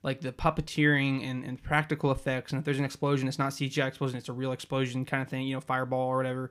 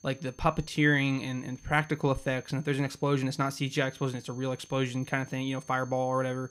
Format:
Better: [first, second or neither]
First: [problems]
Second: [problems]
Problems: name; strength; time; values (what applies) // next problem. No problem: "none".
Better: first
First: none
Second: high-pitched whine; faint; throughout; 6.5 kHz, 25 dB below the speech